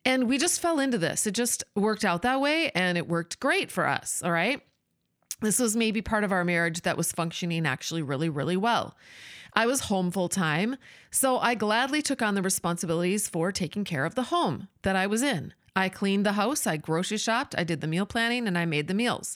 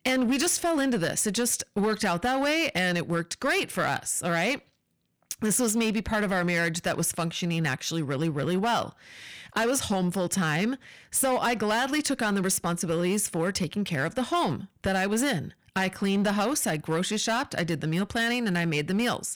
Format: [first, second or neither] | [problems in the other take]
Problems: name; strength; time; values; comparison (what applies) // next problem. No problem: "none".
first | distortion; slight; 9% of the sound clipped